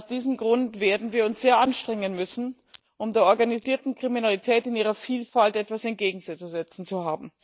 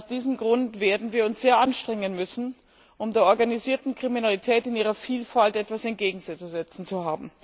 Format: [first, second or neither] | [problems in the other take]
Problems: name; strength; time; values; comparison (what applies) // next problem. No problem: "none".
second | noise reduction (neural mask model DeepFilterNet 3)